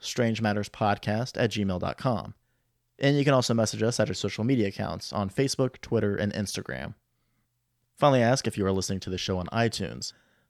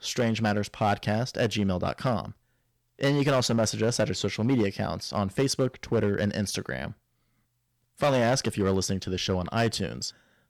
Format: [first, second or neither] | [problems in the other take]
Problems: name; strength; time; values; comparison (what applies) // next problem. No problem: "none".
first | distortion; slight; 5% of the sound clipped